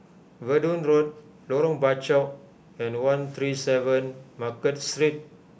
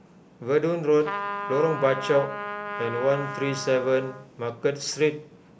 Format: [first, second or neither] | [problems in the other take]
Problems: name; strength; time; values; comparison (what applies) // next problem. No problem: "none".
first | background sound (Trumpet); 9 dB below the speech